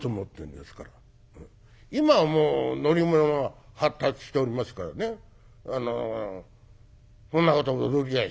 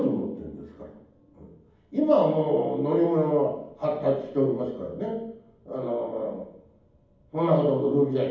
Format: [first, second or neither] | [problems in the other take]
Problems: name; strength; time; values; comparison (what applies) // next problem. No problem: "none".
first | room echo; dies away in 1.2 s